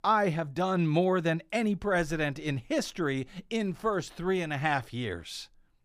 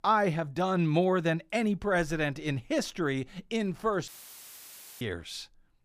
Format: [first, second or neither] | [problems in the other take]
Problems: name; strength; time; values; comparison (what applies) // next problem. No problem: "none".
first | audio cutting out; filled with static; at 4 s for 1 s